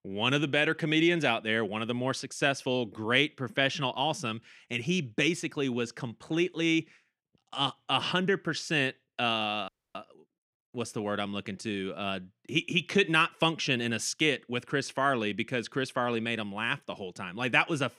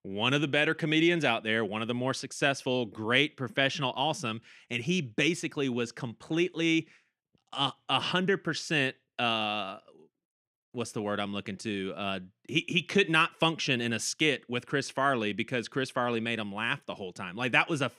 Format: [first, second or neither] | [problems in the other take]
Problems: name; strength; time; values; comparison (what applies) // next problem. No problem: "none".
second | audio freezing; at 9.5 s